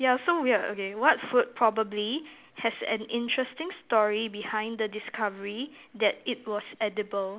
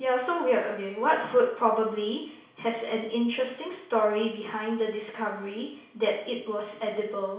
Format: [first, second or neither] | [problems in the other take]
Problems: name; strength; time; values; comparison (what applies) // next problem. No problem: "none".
first | room echo; dies away in 0.6 s